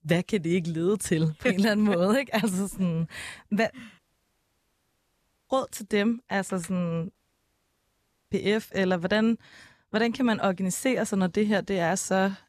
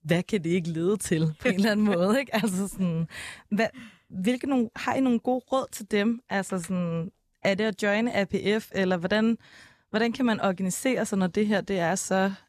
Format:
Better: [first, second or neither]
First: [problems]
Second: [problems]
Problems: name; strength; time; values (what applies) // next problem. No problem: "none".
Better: second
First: audio cutting out; at 4 s for 1.5 s and at 7 s for 1 s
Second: none